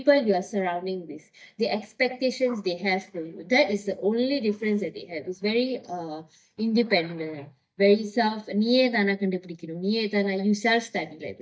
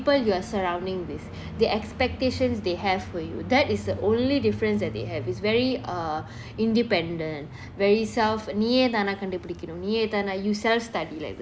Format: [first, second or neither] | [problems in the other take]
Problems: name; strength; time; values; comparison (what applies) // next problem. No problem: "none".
second | noise reduction (neural mask model DeepFilterNet 3)